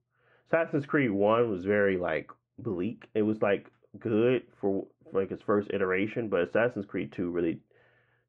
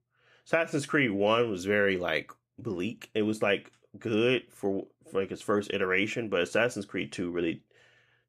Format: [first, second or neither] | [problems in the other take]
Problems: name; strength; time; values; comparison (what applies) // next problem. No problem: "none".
second | muffled; very; fading above 1.5 kHz